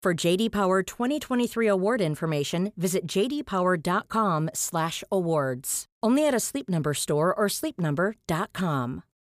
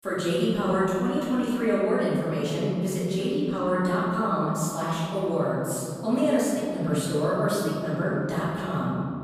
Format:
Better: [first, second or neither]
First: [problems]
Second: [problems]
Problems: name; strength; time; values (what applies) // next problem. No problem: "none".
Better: first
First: none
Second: room echo; strong; dies away in 2.8 s // off-mic speech; far